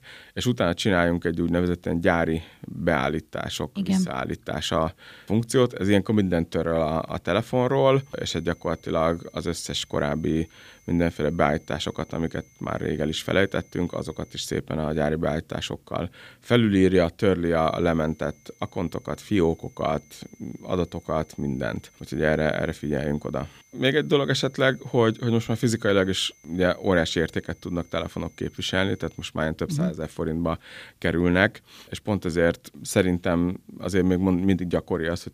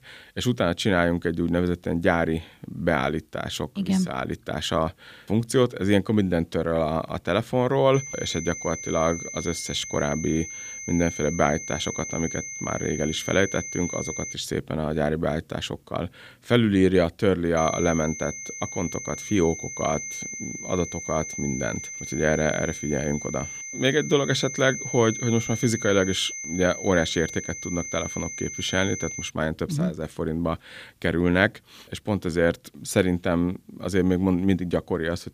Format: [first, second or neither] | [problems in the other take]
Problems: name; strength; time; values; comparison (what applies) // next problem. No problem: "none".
first | high-pitched whine; loud; from 8 to 14 s and from 18 to 29 s; 6 kHz, 8 dB below the speech; faint in the first